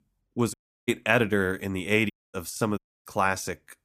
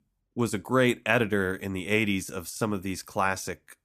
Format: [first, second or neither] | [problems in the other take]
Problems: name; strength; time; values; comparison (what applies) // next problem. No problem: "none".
second | audio cutting out; at 0.5 s, at 2 s and at 3 s